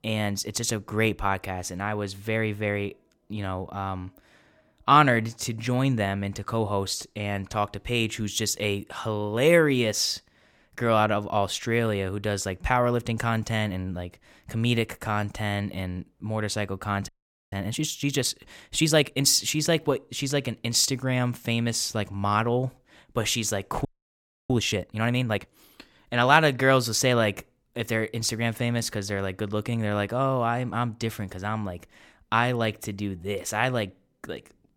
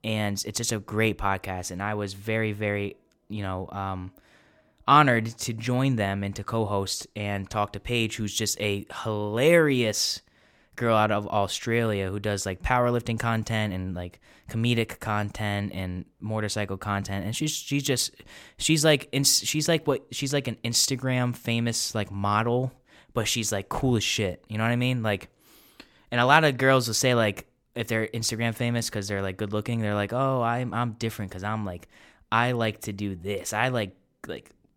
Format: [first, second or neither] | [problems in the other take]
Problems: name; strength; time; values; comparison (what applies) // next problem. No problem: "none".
second | audio freezing; at 17 s and at 24 s for 0.5 s